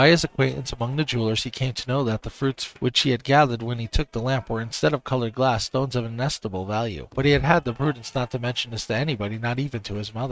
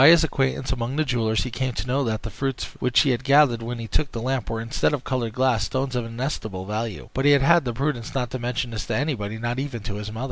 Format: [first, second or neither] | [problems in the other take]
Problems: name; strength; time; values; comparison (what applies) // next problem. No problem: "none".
second | noise reduction (neural mask model RNNoise)